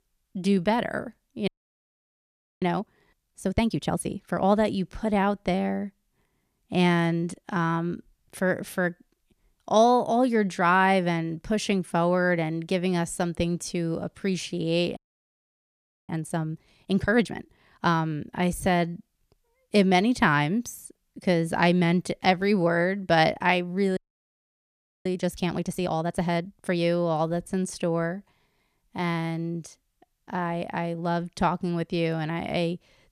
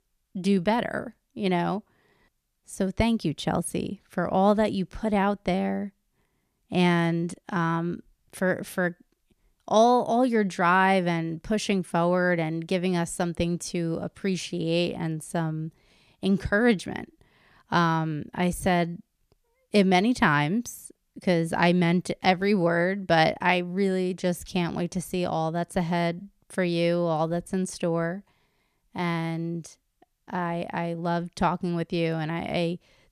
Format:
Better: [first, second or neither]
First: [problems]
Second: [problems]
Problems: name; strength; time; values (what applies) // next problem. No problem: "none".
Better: second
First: audio freezing; at 1.5 s for 1 s, at 15 s for 1 s and at 24 s for 1 s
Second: none